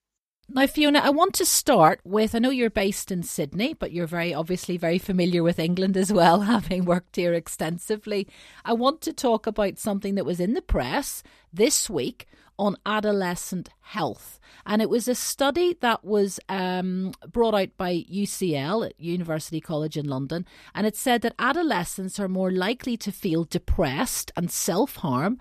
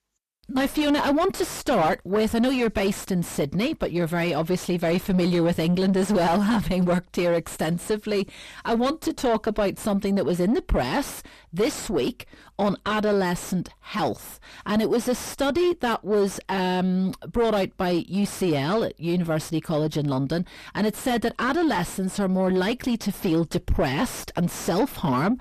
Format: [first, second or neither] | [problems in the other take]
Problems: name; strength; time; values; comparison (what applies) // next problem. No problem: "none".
first | distortion; heavy; 6 dB below the speech